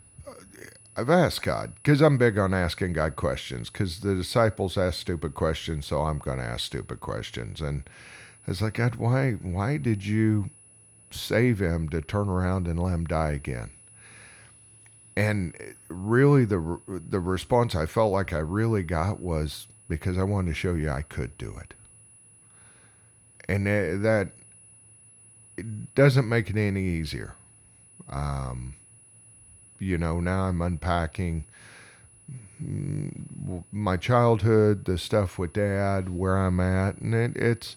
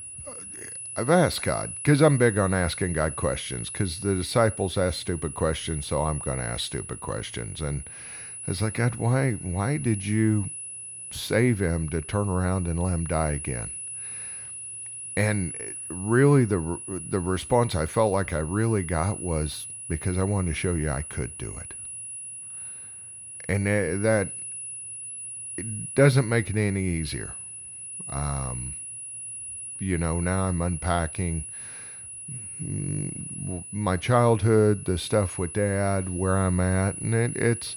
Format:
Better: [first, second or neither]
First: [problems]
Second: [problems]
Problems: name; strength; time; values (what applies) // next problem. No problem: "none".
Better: first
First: high-pitched whine; faint; throughout; 10 kHz, 25 dB below the speech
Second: high-pitched whine; loud; throughout; 10 kHz, 9 dB below the speech